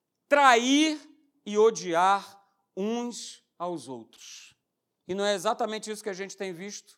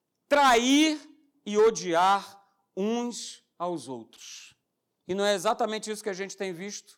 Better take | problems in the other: first | distortion; slight; 2% of the sound clipped

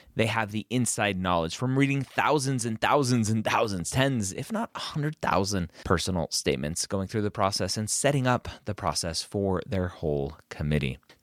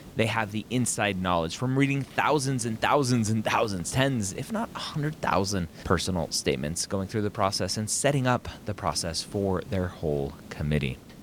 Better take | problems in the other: first | hiss; noticeable; throughout; 20 dB below the speech

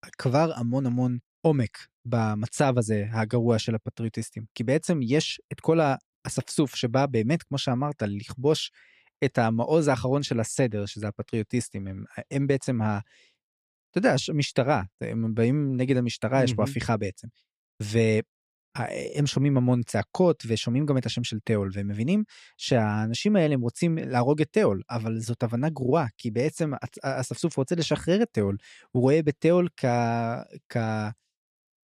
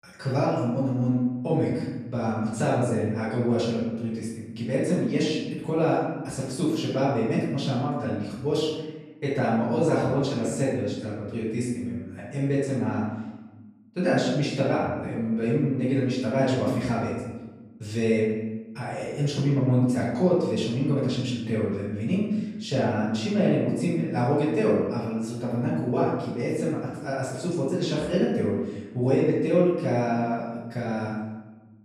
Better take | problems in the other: first | off-mic speech; far // room echo; noticeable; dies away in 1.1 s

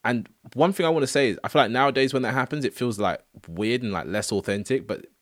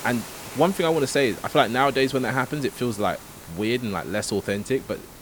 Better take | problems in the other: first | hiss; noticeable; throughout; 15 dB below the speech

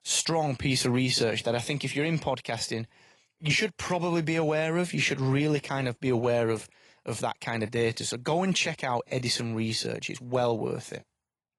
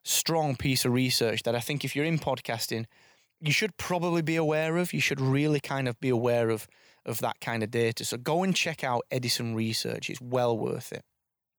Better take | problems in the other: second | garbled, watery; slightly; nothing above 11 kHz

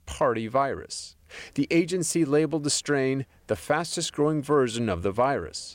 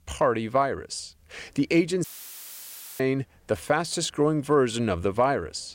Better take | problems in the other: first | audio cutting out; filled with static; at 2 s for 1 s

